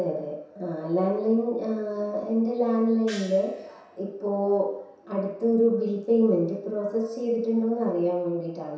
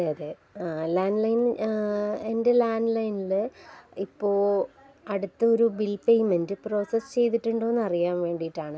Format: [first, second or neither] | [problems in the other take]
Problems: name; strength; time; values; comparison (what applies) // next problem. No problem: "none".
second | background sound (Gong); 18 dB below the speech // room echo; dies away in 0.7 s